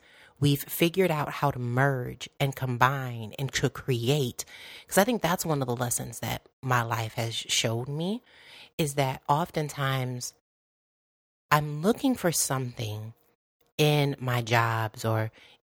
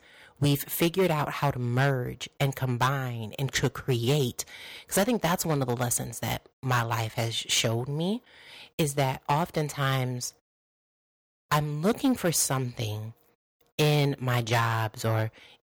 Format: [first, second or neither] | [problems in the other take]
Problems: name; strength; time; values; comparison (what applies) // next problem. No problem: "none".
first | distortion; slight; 4% of the sound clipped